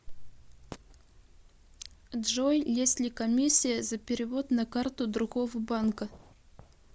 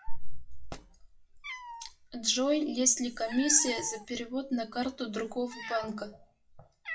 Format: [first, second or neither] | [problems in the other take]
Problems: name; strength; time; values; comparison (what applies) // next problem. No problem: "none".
first | noise reduction (classical method WPE with log-MMSE)